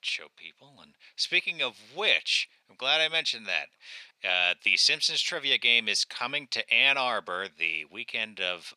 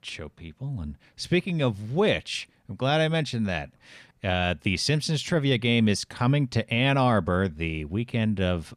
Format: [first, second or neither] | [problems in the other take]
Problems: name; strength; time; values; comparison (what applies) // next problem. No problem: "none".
second | thin; very; fading below 650 Hz